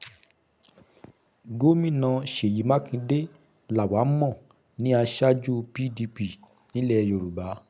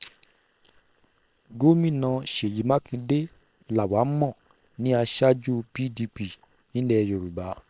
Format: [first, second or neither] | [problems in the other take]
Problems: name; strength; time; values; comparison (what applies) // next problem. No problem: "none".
first | noise reduction (neural separator model SepFormer WHAM!)